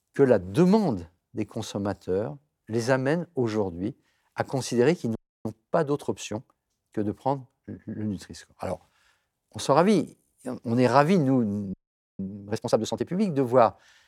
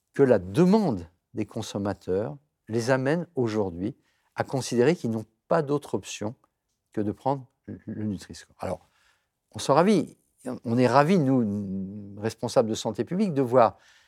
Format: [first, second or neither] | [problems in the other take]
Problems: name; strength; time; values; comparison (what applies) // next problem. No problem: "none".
second | audio freezing; at 5 s and at 12 s